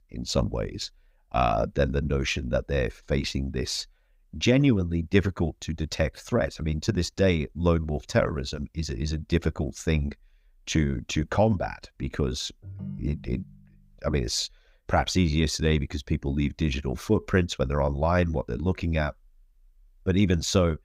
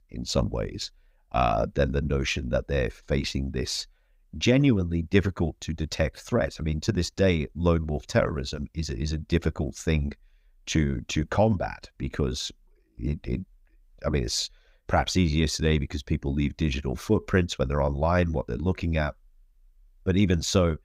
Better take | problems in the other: second | phone ringing; faint; at 13 s; peak 10 dB below the speech

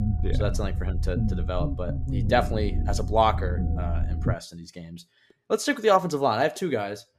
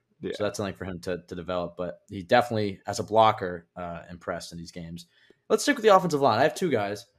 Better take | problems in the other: second | low rumble; noticeable; until 4.5 s; 15 dB below the speech

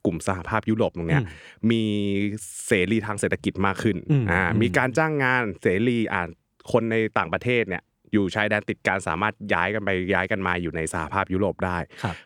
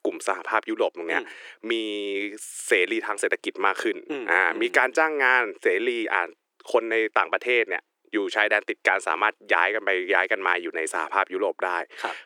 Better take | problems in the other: first | thin; very; fading below 350 Hz

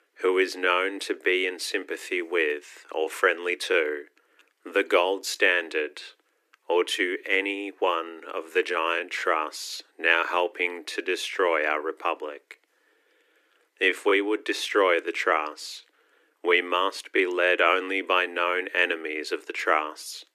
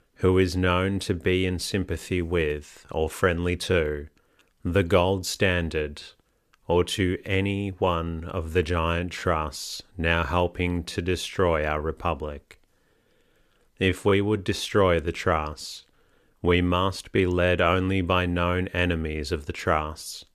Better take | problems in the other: second | thin; very; fading below 300 Hz

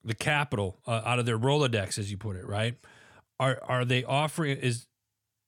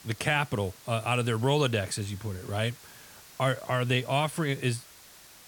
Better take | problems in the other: first | hiss; faint; throughout; 20 dB below the speech

